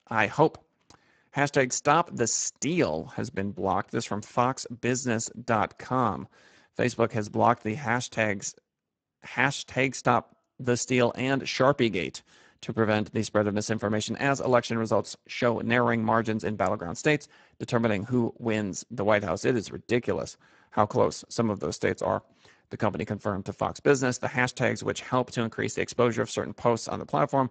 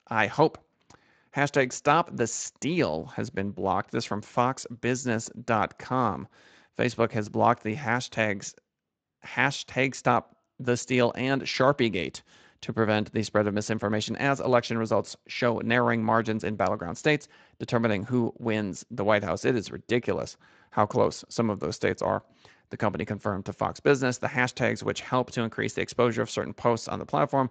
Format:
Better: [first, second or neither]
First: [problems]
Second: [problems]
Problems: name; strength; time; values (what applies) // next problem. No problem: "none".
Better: second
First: garbled, watery; badly; nothing above 7.5 kHz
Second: garbled, watery; slightly; nothing above 7.5 kHz